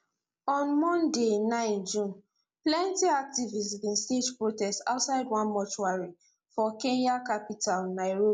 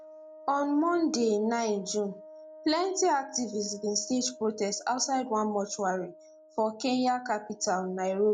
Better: first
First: none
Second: background sound (Wind instrument, woodwind instrument); 20 dB below the speech

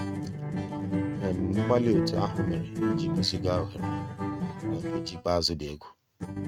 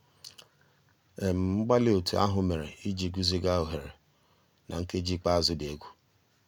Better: second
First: noise reduction (neural mask model RNNoise)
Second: none

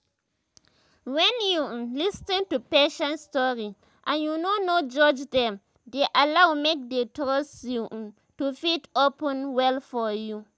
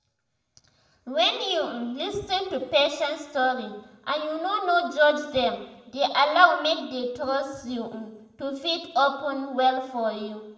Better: first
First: none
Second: room echo; dies away in 0.7 s

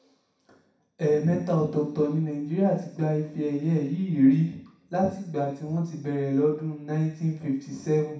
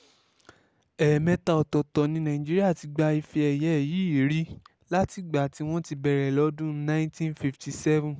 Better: second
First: room echo; dies away in 0.6 s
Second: none

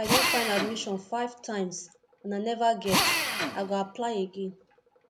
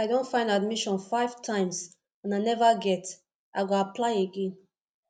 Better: second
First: background sound (Drill); as loud as the speech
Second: none

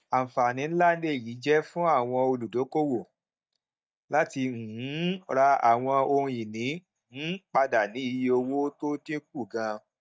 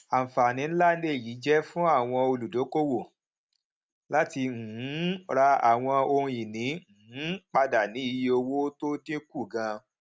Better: second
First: noise reduction (neural mask model DeepFilterNet 3)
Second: none

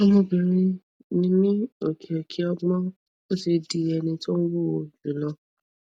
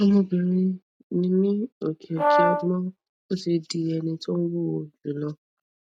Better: first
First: none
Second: noise reduction (neural mask model RNNoise)

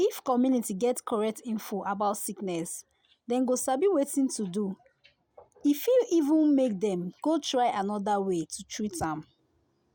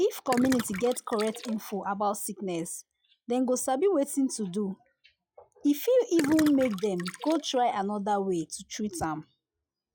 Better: first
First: none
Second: noise reduction (classical method log-MMSE)

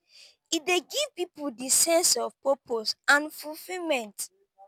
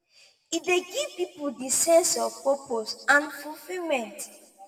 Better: first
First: none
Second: room echo; dies away in 1.4 s

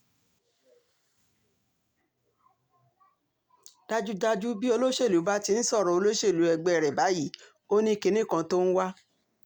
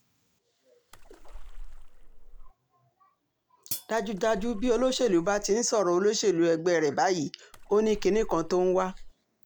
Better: first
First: none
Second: background sound (Hi-hat + Splash, splatter); 11 dB below the speech

